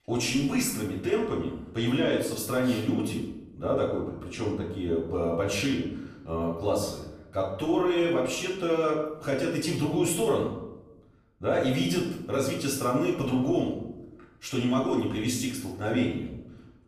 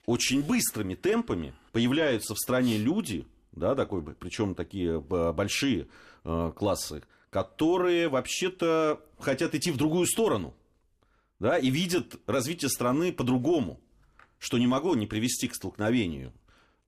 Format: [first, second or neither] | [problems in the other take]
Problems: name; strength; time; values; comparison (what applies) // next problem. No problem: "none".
second | off-mic speech; far // room echo; noticeable; dies away in 0.7 s